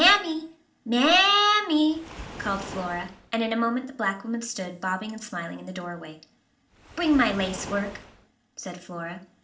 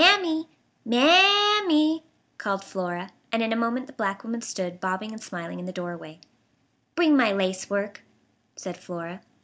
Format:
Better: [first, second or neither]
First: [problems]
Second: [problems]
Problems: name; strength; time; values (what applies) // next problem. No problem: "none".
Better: second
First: background sound (Waves, surf); 18 dB below the speech // room echo; dies away in 0.4 s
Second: none